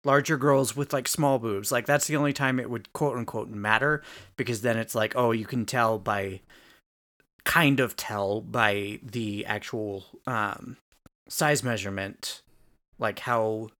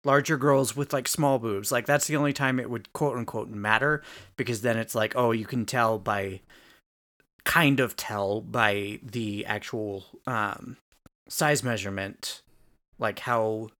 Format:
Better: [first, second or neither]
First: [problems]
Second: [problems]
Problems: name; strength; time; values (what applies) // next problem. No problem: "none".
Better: neither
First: none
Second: none